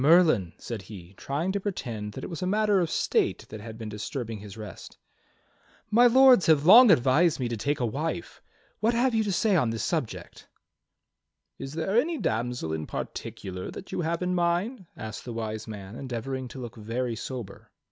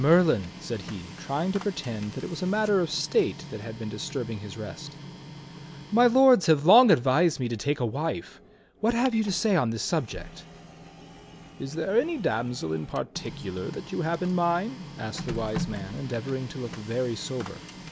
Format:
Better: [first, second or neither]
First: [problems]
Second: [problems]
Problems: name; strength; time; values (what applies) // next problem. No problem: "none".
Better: first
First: none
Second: background sound (Printer); 14 dB below the speech